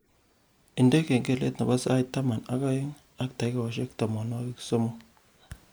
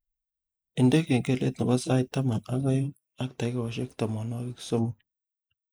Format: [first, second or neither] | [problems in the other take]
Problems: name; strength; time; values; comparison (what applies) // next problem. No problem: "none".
first | noise reduction (neural mask model Resemble Enhance denoiser)